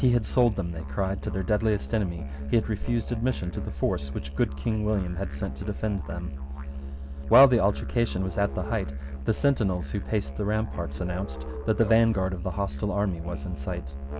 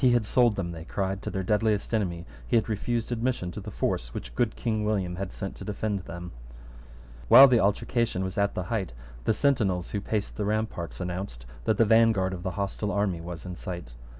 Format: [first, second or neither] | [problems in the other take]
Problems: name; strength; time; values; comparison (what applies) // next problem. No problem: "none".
second | background sound (Musical instrument); 8 dB below the speech